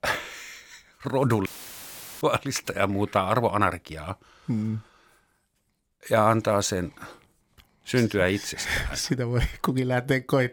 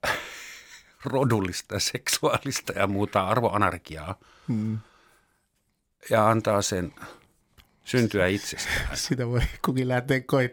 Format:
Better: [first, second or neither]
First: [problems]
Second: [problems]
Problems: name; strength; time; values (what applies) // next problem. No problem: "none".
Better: second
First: audio cutting out; filled with static; at 1.5 s for 1 s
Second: none